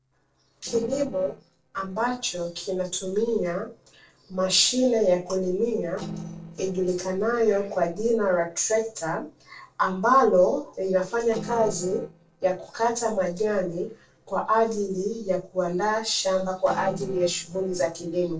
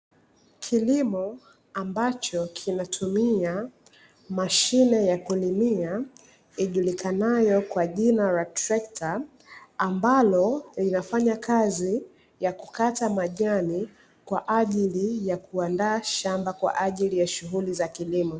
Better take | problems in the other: second | noise reduction (neural separator model SepFormer DNS4)

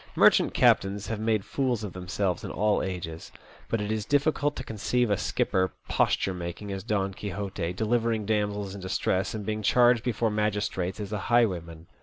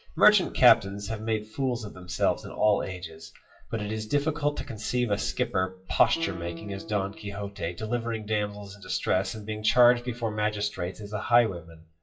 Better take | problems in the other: first | noise reduction (classical method WPE with log-MMSE)

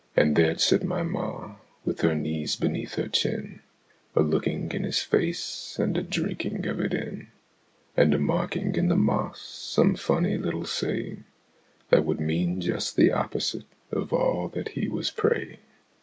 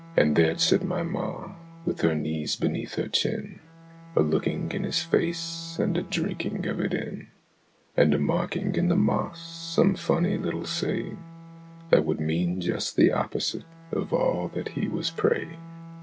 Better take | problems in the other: first | background sound (Bowed string instrument); 18 dB below the speech

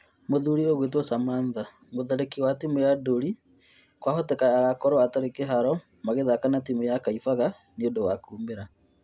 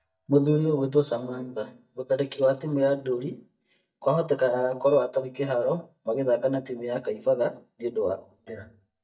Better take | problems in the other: first | noise reduction (neural mask model DeepFilterNet 3)

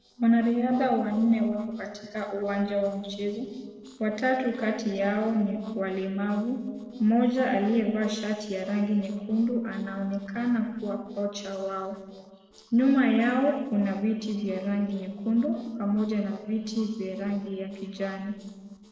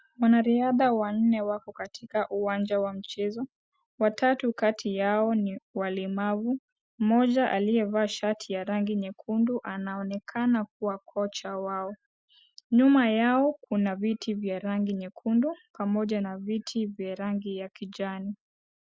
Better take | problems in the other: second | noise reduction (neural separator model SepFormer DNS4)

